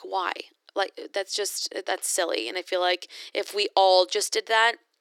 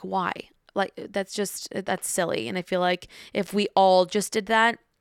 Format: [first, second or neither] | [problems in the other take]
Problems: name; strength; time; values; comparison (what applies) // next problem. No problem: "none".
second | thin; very; fading below 300 Hz